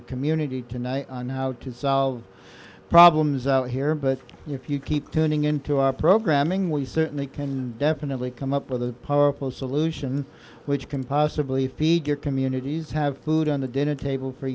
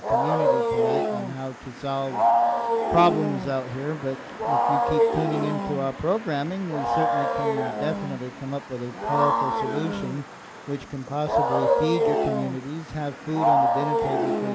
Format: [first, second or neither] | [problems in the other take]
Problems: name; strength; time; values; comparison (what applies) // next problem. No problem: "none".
first | background sound (Wild animals); 4 dB above the speech